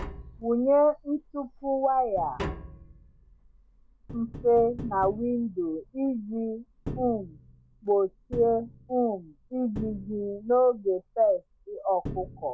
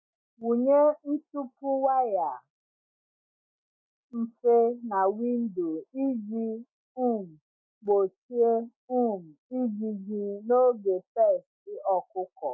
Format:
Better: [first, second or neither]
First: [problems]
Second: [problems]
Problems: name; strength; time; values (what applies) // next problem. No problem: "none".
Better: second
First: background sound (Tap); 14 dB below the speech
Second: none